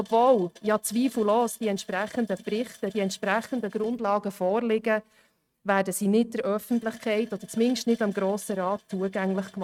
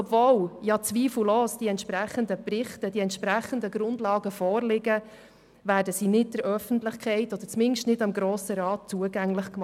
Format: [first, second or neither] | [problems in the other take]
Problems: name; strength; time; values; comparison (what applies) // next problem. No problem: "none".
second | noise reduction (neural mask model RNNoise)